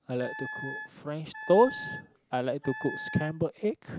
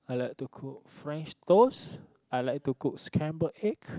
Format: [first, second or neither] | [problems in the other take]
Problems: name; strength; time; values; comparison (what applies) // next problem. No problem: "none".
second | background sound (Wind instrument, woodwind instrument); 11 dB below the speech